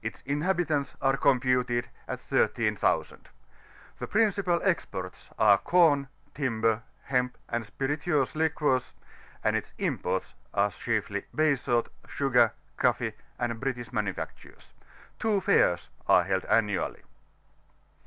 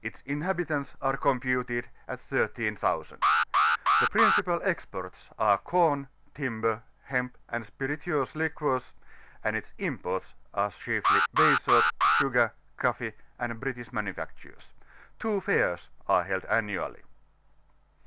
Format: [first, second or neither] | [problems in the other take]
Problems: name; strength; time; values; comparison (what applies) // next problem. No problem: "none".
first | background sound (Alarm); 5 dB above the speech